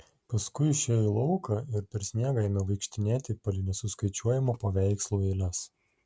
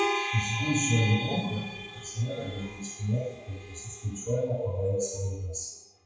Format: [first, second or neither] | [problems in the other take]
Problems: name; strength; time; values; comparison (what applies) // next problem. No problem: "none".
first | noise reduction (classical method WPE with log-MMSE)